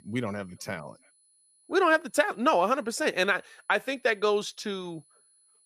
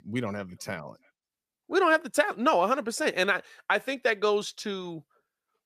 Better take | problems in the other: second | high-pitched whine; faint; throughout; 10 kHz, 35 dB below the speech

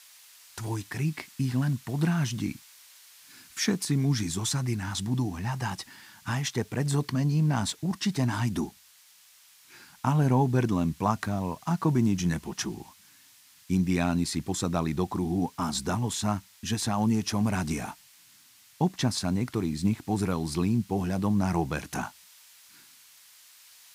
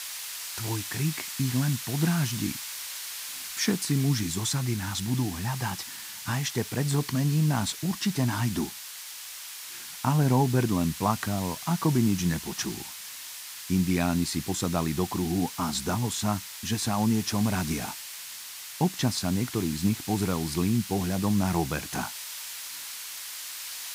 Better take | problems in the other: first | hiss; loud; throughout; 8 dB below the speech; faint in the first

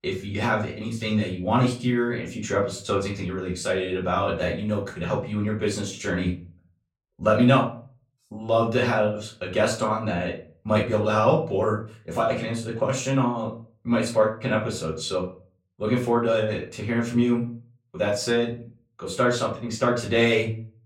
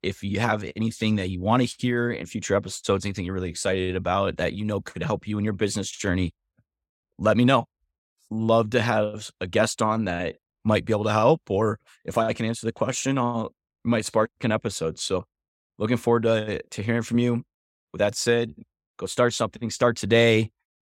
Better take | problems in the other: second | off-mic speech; far // room echo; slight; dies away in 0.3 s

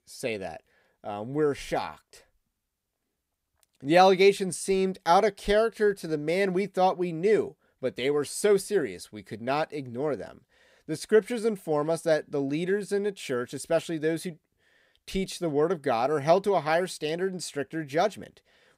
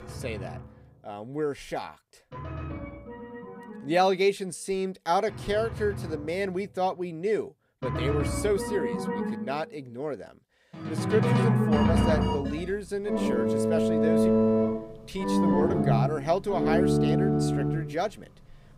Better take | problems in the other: first | background music; very loud; throughout; 4 dB above the speech

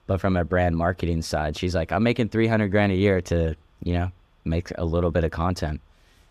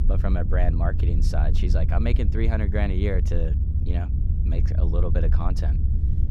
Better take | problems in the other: first | low rumble; loud; throughout; 7 dB below the speech

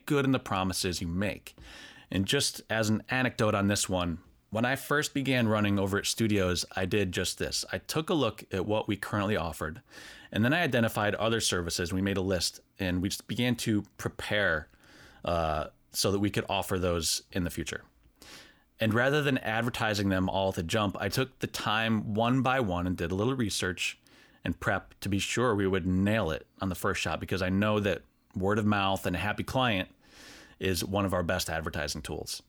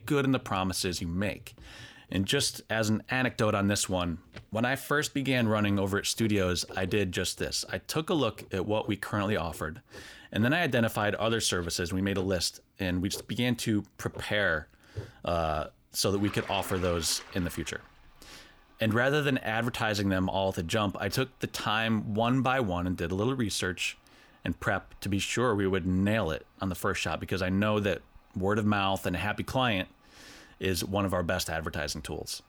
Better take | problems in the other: first | household noises; faint; throughout; 20 dB below the speech

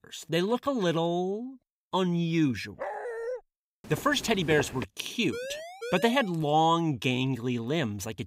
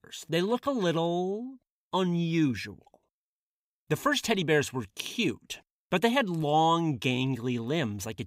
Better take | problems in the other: second | dog barking; noticeable; at 3 s; peak 7 dB below the speech // footsteps; noticeable; from 4 to 5 s; peak 8 dB below the speech // siren; noticeable; at 5.5 s; peak 9 dB below the speech

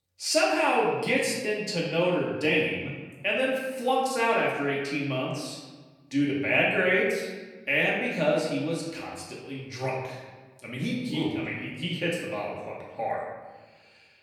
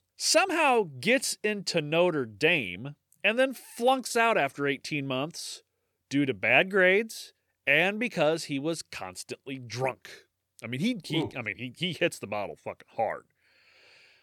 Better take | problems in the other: second | room echo; noticeable; dies away in 1.1 s // off-mic speech; far

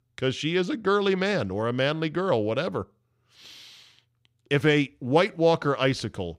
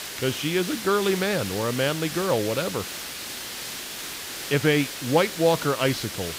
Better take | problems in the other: first | hiss; loud; throughout; 7 dB below the speech

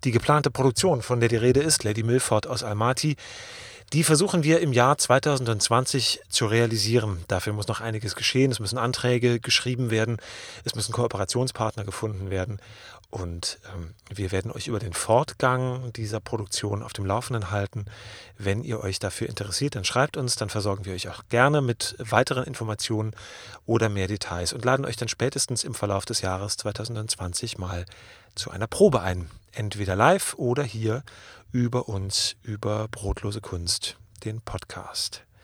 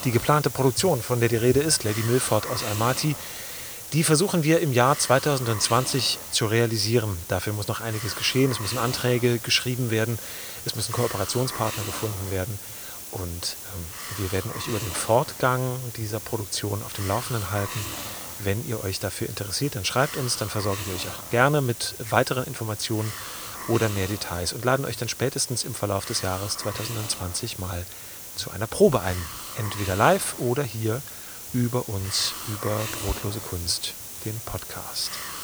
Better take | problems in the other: first | hiss; loud; throughout; 9 dB below the speech

